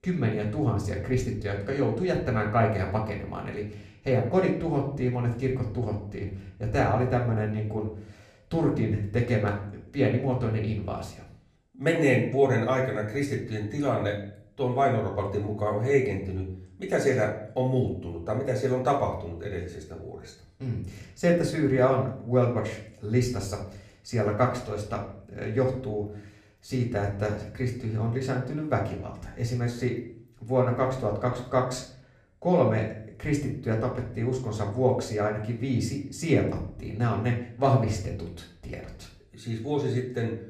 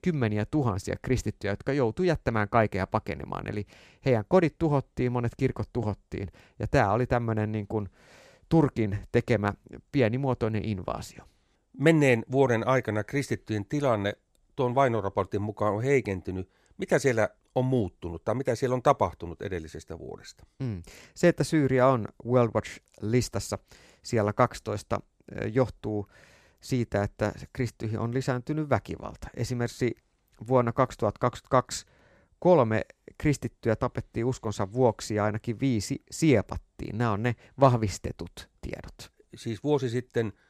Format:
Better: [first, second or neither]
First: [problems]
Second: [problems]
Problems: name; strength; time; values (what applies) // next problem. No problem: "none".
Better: second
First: off-mic speech; far // room echo; slight; dies away in 0.6 s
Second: none